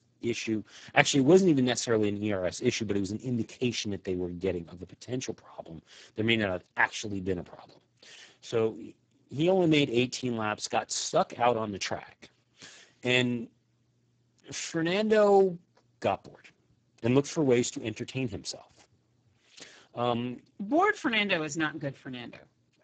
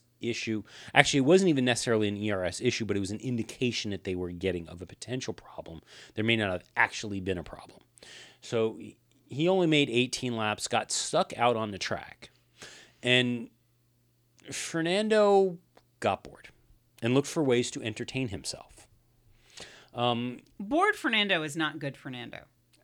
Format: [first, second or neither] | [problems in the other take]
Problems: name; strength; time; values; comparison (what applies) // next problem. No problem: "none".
second | garbled, watery; badly; nothing above 7.5 kHz